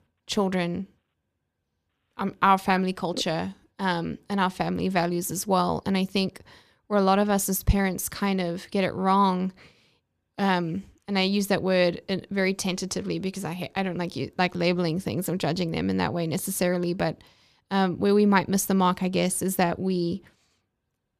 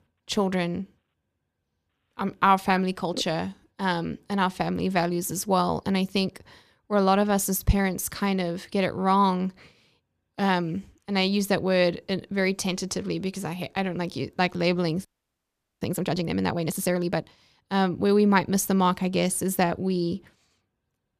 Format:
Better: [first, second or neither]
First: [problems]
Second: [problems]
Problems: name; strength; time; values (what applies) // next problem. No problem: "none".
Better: first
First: none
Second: audio freezing; at 15 s for 1 s